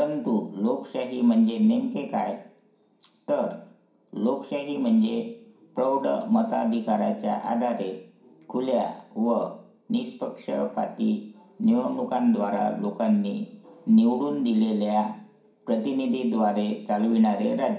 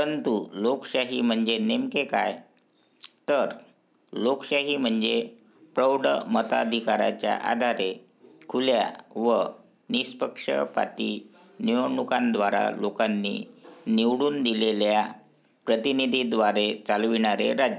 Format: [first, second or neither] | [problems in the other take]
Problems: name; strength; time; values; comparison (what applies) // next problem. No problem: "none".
second | room echo; dies away in 0.5 s